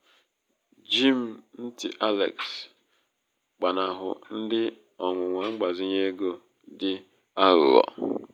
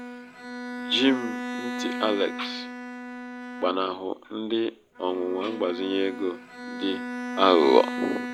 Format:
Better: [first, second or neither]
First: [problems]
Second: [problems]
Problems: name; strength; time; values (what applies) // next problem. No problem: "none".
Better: first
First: none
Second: background sound (Bowed string instrument); 8 dB below the speech